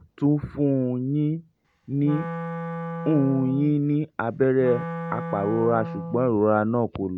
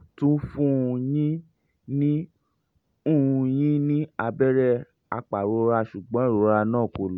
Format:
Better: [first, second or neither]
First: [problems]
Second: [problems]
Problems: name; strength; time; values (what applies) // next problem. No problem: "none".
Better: second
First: background sound (Wind instrument, woodwind instrument); 9 dB below the speech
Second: none